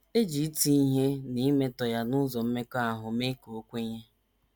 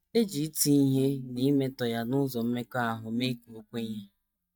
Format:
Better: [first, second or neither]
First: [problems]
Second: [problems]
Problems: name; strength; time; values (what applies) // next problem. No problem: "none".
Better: first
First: none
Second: noise reduction (neural mask model DeepFilterNet 3)